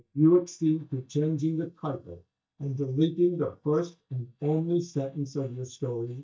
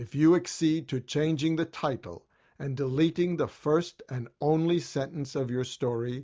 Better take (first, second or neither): second